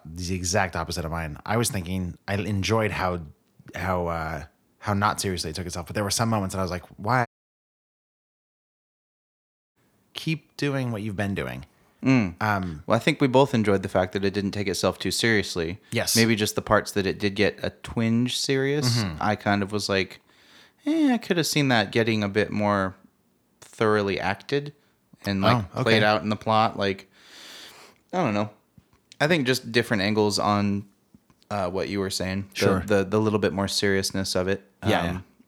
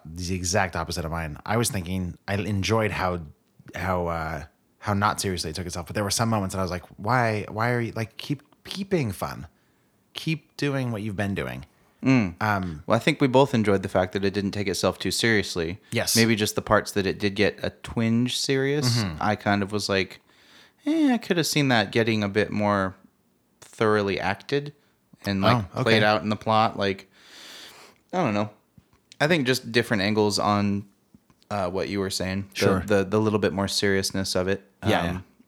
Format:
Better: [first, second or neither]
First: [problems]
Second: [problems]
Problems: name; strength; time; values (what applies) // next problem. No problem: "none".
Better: second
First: audio cutting out; at 7.5 s for 2.5 s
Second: none